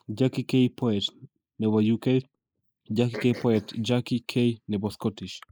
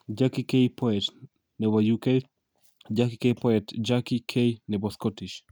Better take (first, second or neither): second